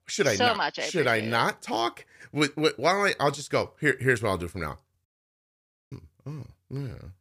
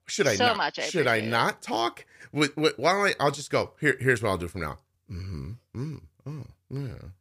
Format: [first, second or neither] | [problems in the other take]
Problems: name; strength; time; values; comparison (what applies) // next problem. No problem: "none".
second | audio cutting out; at 5 s for 1 s